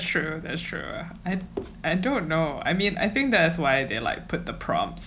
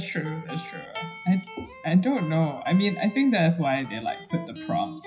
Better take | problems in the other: first | noise reduction (classical method WPE with log-MMSE)

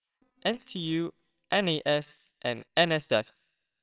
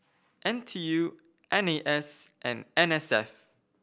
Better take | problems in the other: second | noise reduction (neural separator model SepFormer WHAMR!)

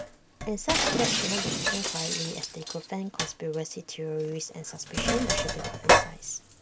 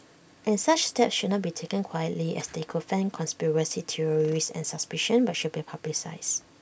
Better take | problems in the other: second | background sound (Sink (filling or washing) + Shatter); 5 dB above the speech

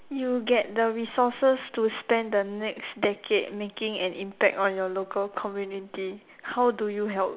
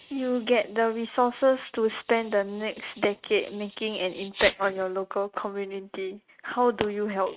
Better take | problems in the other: first | noise reduction (neural mask model RNNoise)

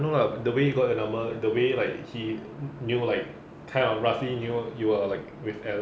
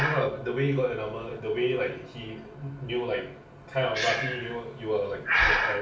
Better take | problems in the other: first | background sound (Breathing); 2 dB below the speech // room echo; dies away in 0.3 s

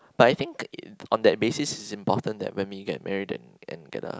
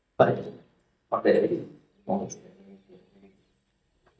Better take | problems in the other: first | noise reduction (neural mask model DeepFilterNet 3)

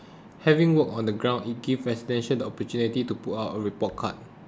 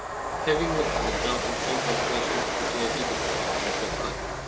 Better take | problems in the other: first | background sound (Train); 4 dB above the speech // room echo; dies away in 0.2 s

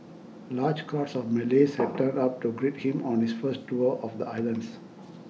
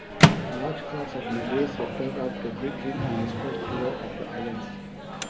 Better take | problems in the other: first | background sound (Microwave oven); 5 dB above the speech

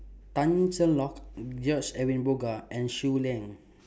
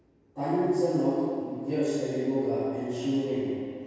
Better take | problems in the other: first | room echo; dies away in 2.2 s

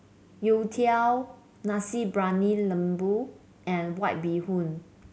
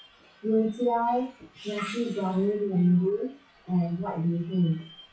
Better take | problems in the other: first | noise reduction (classical method WPE with log-MMSE)

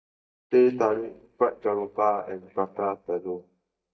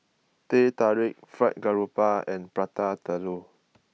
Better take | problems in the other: second | noise reduction (neural mask model DeepFilterNet 3)

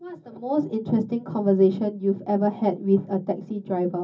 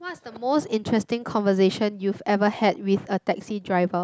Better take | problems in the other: second | room echo; dies away in 0.4 s

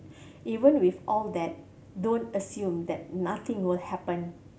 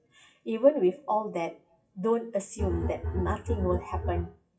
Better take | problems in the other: first | noise reduction (classical method WPE with log-MMSE)

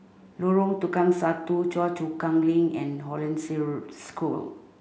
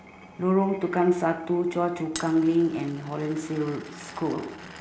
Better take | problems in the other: first | background sound (Glass); 18 dB below the speech

